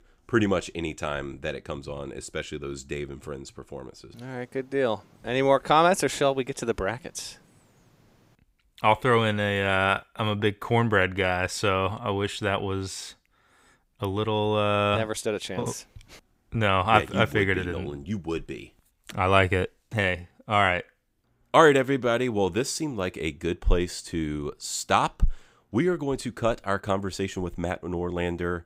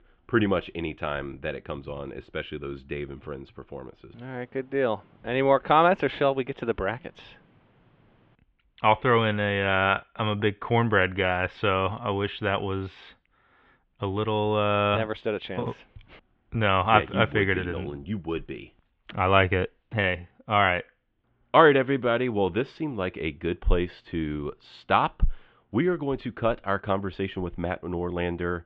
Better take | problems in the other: first | muffled; very; fading above 3 kHz

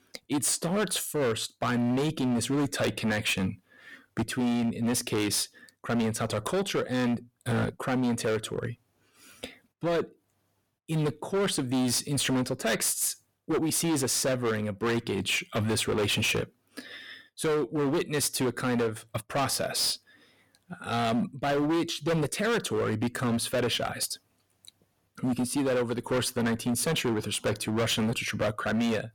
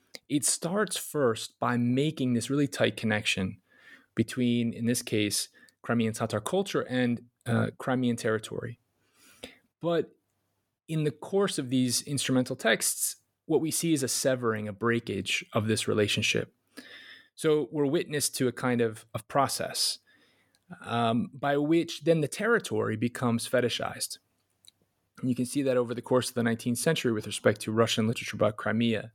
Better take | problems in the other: second | distortion; heavy; 18% of the sound clipped

